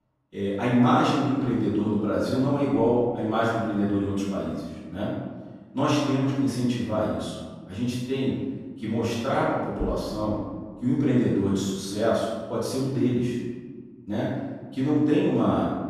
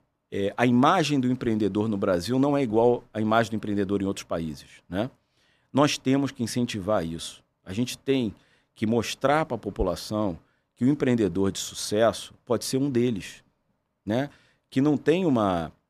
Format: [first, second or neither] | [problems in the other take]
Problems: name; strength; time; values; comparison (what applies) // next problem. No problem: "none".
second | off-mic speech; far // room echo; strong; dies away in 1.4 s